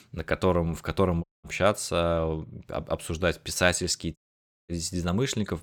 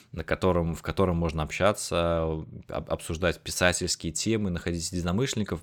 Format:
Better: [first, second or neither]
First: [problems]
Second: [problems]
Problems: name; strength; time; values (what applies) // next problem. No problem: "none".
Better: second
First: audio cutting out; at 1 s and at 4 s for 0.5 s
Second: none